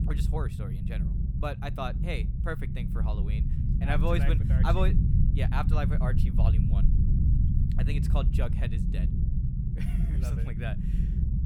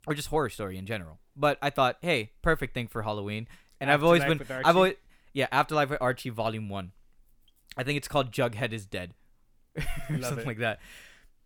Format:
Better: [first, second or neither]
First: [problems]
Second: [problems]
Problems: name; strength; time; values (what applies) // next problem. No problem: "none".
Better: second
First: low rumble; loud; throughout; 5 dB below the speech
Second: none